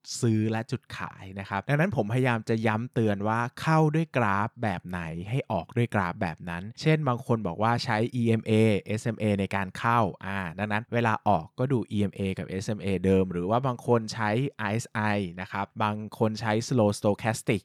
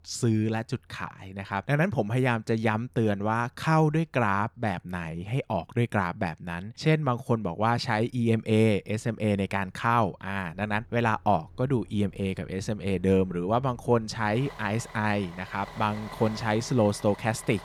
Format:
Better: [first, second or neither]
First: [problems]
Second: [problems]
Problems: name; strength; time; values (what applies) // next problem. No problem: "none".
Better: first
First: none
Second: traffic noise; noticeable; throughout; 20 dB below the speech